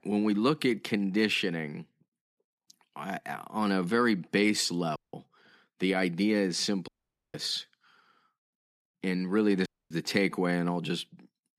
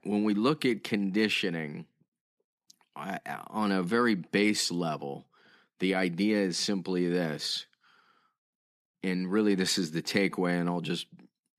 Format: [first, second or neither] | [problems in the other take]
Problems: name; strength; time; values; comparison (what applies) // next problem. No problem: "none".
second | audio cutting out; at 5 s, at 7 s and at 9.5 s